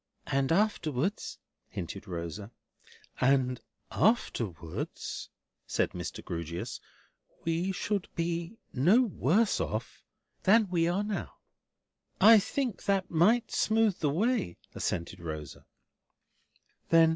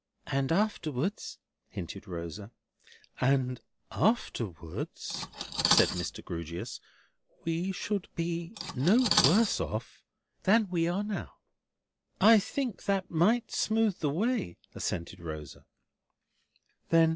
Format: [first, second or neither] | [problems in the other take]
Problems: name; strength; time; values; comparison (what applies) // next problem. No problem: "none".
first | background sound (Cutlery, silverware); 5 dB below the speech